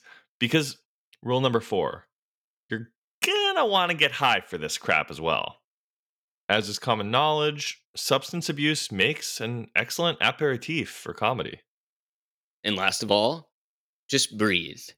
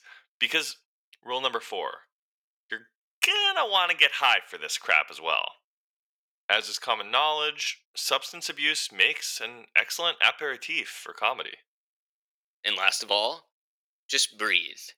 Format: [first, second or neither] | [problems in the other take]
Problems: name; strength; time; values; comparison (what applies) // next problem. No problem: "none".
first | thin; very; fading below 700 Hz